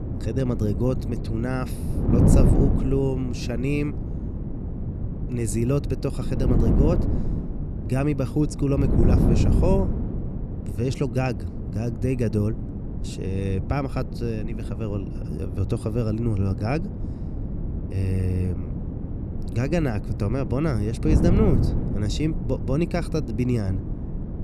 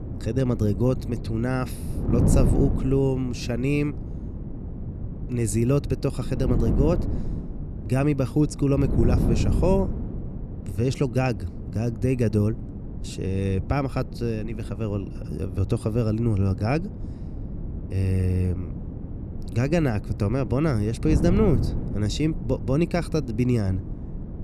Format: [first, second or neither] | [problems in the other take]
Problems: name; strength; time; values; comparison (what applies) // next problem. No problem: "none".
second | wind noise on the microphone; heavy; 5 dB below the speech; occasional gusts in the second